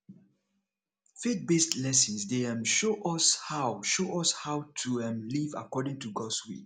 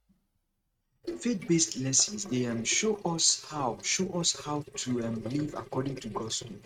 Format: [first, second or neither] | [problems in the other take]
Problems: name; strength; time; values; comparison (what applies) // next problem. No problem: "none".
first | noise reduction (neural mask model RNNoise)